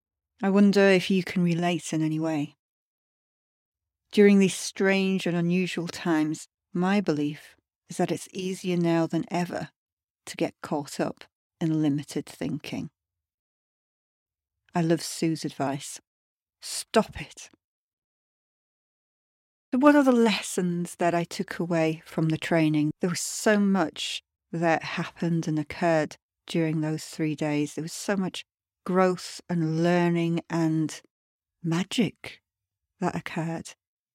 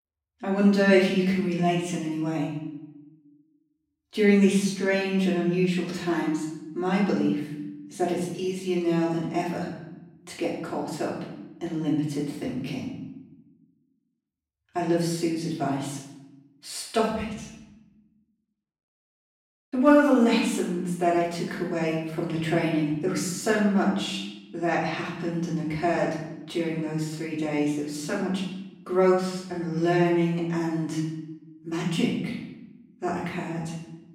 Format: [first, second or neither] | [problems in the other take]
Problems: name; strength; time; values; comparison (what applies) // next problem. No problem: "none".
first | off-mic speech; far // room echo; noticeable; dies away in 0.9 s